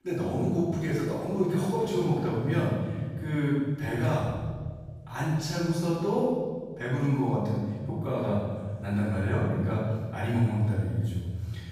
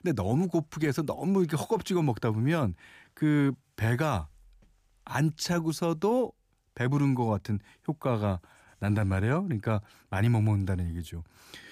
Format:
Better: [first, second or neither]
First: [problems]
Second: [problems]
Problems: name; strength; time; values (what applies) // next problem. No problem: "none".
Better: second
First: off-mic speech; far // room echo; strong; dies away in 1.6 s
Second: none